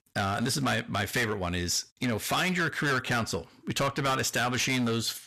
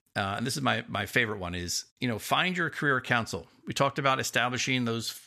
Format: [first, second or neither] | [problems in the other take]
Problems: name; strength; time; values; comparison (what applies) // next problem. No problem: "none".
second | distortion; heavy; 15% of the sound clipped